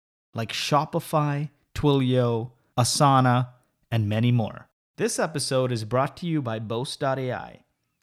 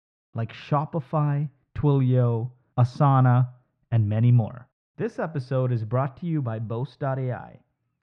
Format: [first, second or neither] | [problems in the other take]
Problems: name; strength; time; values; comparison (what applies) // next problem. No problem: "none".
first | muffled; very; fading above 2 kHz